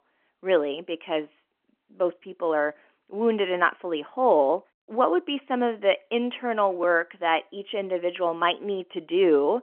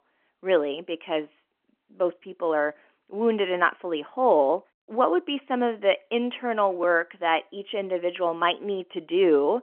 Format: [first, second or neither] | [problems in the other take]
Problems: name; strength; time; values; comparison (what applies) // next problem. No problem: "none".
neither | phone-call audio; nothing above 3 kHz; the same in both